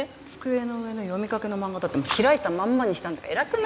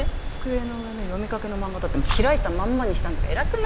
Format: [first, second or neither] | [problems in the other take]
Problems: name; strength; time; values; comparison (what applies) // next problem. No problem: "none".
first | background sound (Stream); 2 dB above the speech